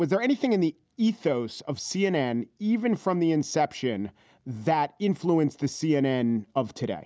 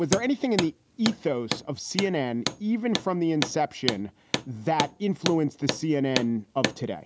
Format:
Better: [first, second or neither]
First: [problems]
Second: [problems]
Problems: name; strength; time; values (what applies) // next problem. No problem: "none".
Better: first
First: none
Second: background sound (Hammer); 6 dB below the speech